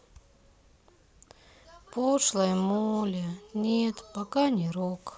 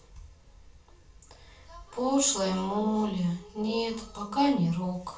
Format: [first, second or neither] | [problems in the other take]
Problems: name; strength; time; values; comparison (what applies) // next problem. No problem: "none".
first | room echo; dies away in 0.3 s